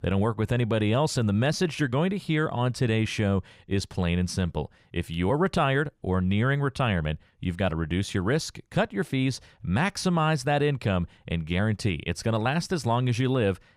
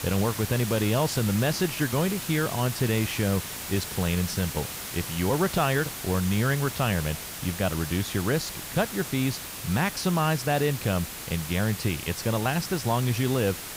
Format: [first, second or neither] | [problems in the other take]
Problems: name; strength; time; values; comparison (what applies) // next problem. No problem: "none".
first | hiss; loud; throughout; 7 dB below the speech